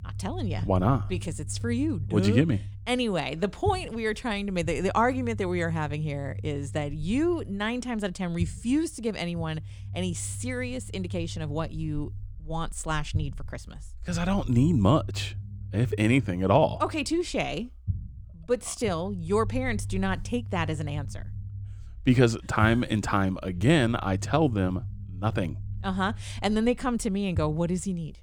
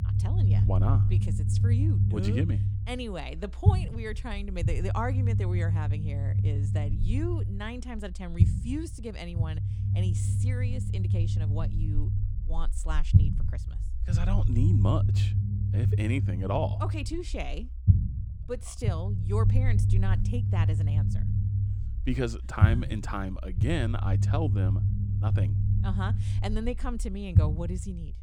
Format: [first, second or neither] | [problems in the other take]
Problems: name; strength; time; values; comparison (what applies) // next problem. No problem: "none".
first | low rumble; loud; throughout; 3 dB below the speech; faint in the first